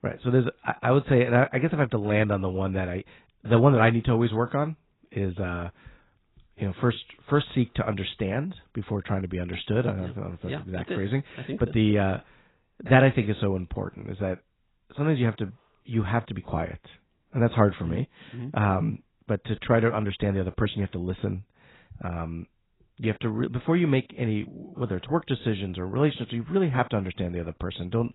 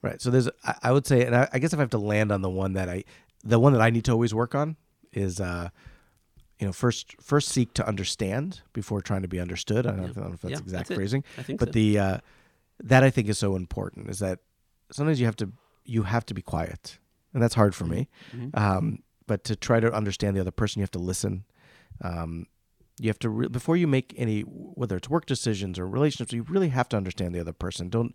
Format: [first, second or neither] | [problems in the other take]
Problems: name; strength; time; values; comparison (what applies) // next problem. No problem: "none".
second | garbled, watery; badly; nothing above 4 kHz